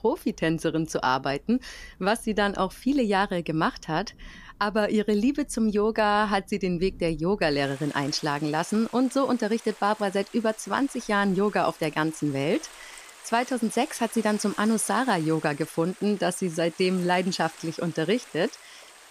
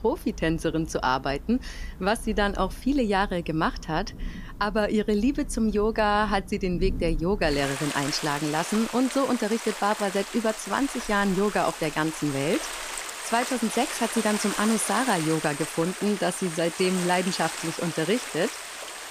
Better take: first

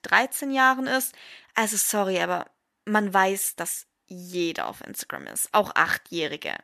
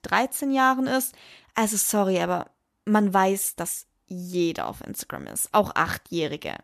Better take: second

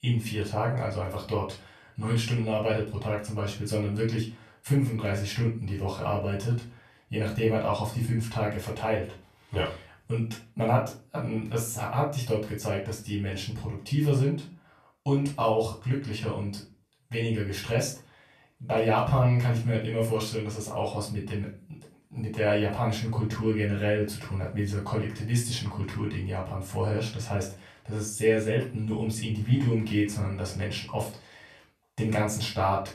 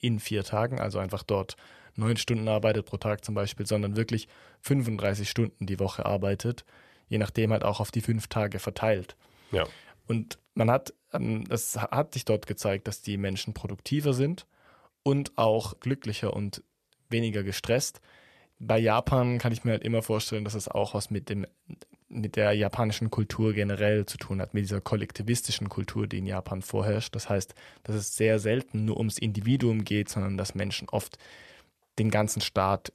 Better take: second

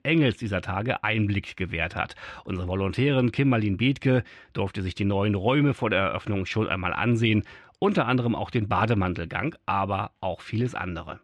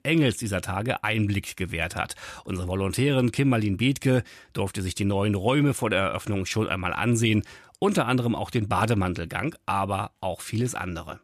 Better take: second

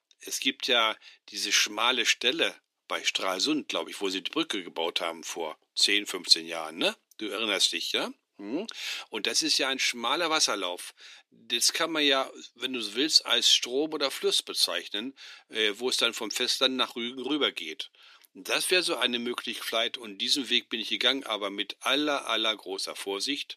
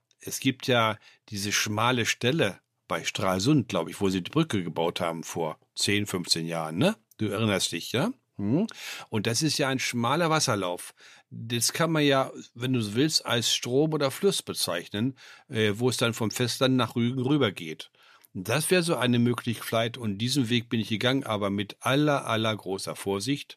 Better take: second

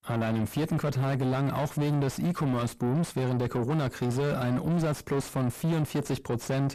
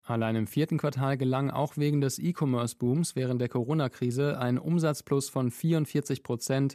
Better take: second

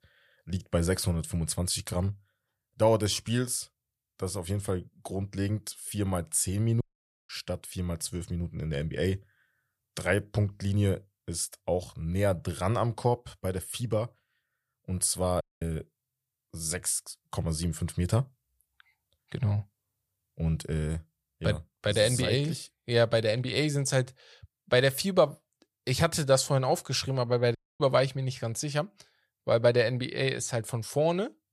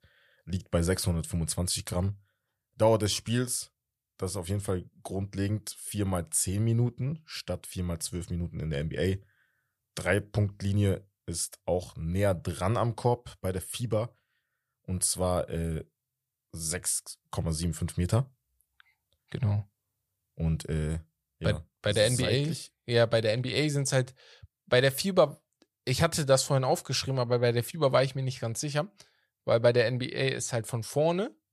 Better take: second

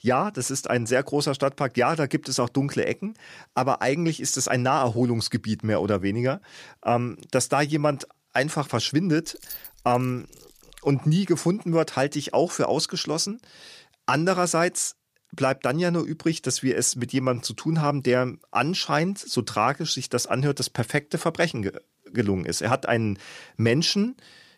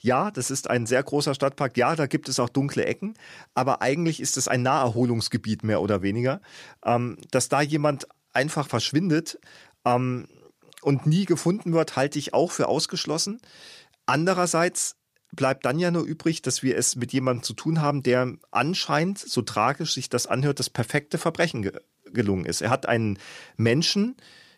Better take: second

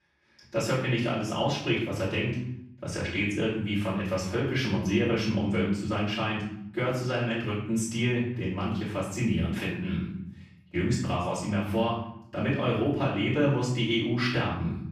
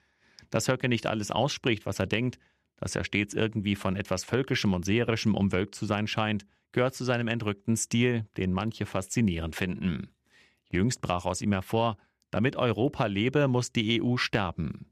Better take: second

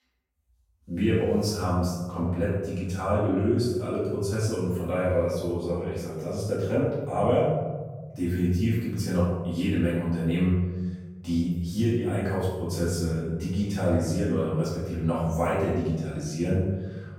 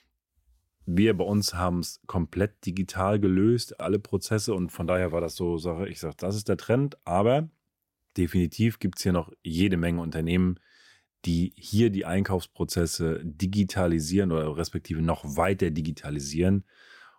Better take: second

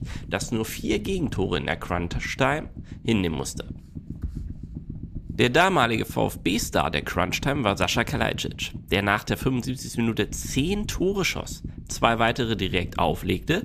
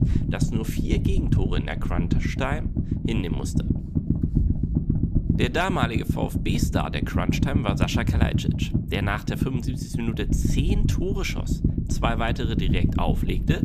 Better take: first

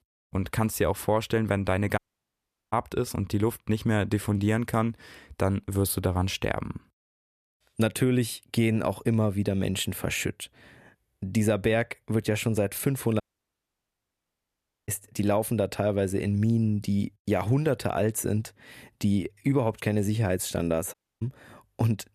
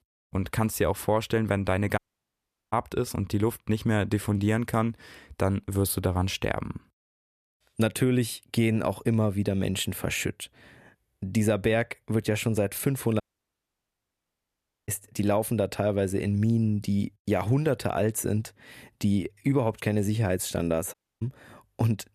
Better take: neither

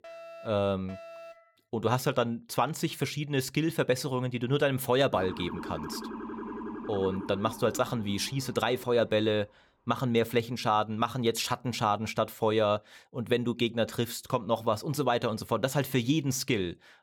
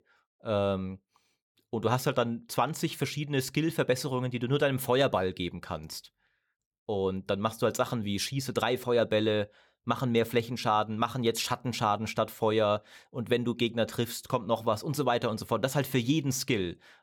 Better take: second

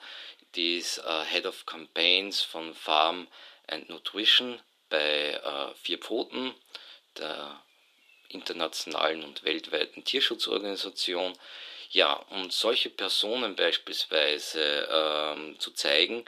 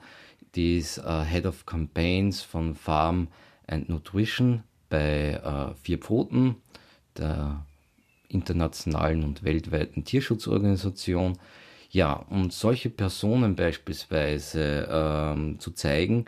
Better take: second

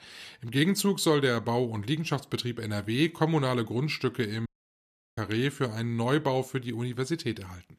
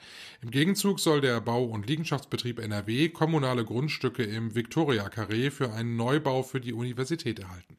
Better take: second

